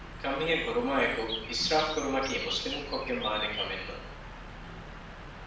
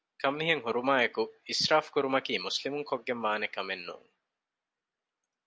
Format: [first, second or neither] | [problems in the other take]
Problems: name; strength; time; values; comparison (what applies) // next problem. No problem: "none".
second | background sound (Bird); 8 dB below the speech // room echo; dies away in 0.6 s